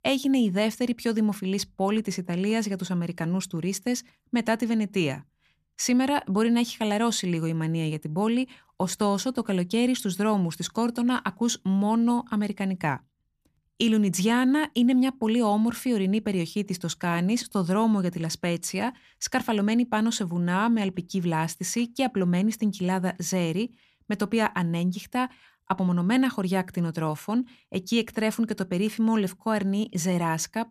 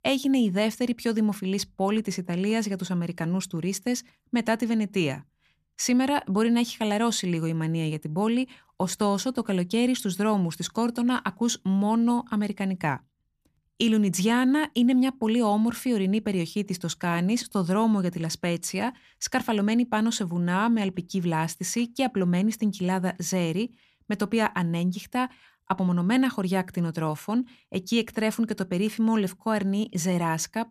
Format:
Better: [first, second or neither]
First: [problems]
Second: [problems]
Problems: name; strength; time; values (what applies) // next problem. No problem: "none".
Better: neither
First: none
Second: none